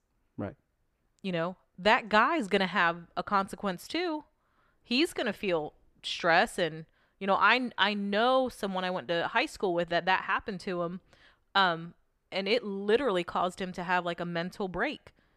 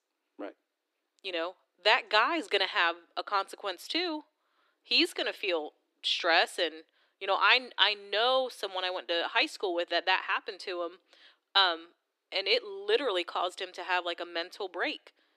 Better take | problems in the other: first | thin; somewhat; fading below 300 Hz

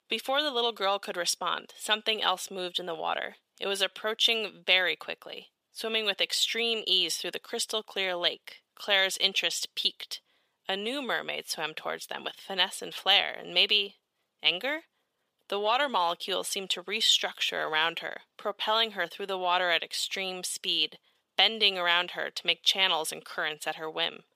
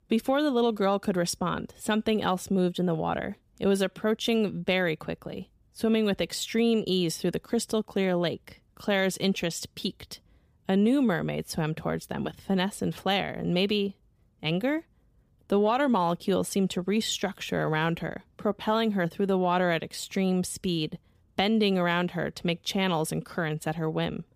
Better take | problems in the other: second | thin; very; fading below 650 Hz

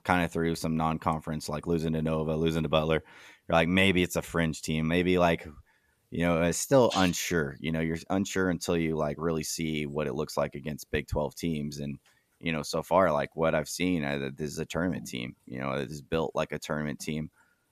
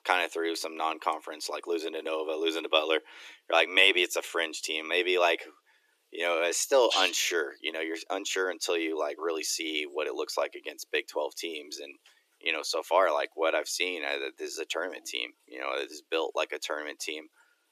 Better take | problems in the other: first | thin; very; fading below 300 Hz

